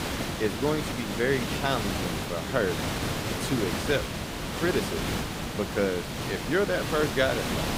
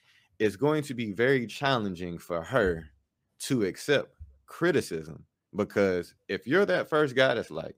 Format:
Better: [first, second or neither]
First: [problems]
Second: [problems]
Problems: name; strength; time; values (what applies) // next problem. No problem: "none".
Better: second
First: hiss; loud; throughout; 2 dB below the speech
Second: none